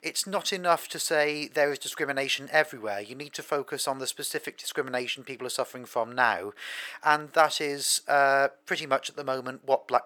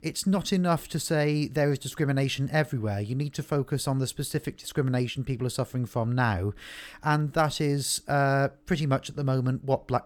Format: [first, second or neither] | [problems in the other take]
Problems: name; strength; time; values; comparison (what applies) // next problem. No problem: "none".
second | thin; very; fading below 600 Hz